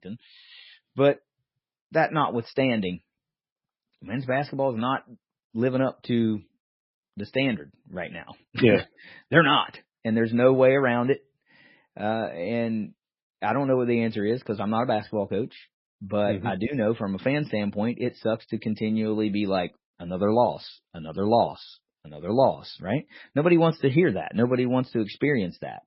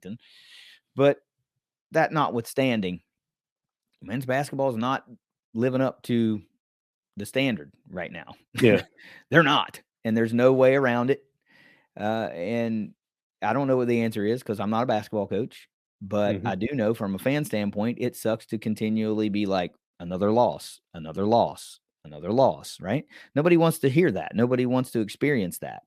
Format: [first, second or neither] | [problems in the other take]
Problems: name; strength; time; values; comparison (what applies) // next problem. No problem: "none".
second | garbled, watery; badly; nothing above 5.5 kHz